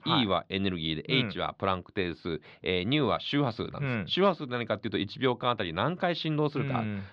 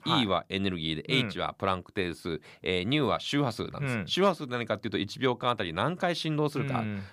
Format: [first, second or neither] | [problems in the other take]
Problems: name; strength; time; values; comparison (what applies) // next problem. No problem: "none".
second | muffled; very slightly; fading above 4 kHz